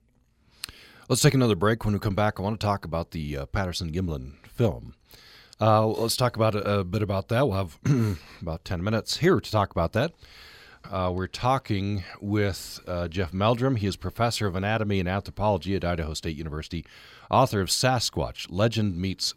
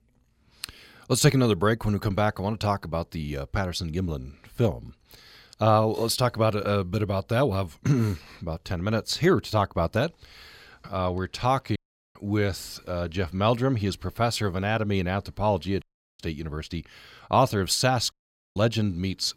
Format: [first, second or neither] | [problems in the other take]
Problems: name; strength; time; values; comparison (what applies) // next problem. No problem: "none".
first | audio cutting out; at 12 s, at 16 s and at 18 s